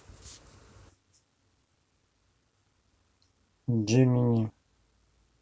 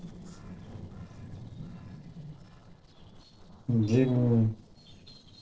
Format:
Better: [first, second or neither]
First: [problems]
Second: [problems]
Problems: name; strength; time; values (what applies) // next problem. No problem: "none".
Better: first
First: none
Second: noise reduction (neural separator model SepFormer DNS4)